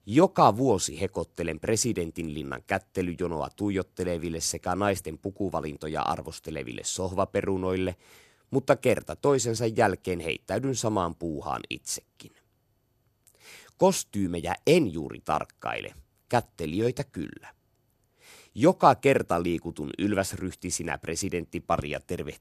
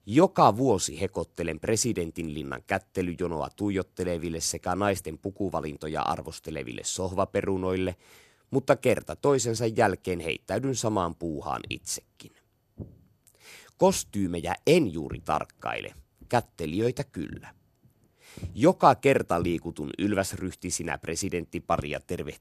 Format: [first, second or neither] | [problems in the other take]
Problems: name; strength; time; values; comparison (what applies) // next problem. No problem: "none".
first | footsteps; faint; from 12 to 20 s; peak 15 dB below the speech